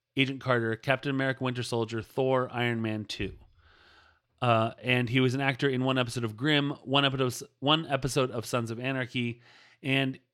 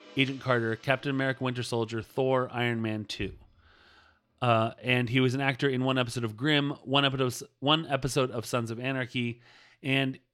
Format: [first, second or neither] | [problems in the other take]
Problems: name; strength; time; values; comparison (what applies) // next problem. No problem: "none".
first | background music; faint; throughout; 30 dB below the speech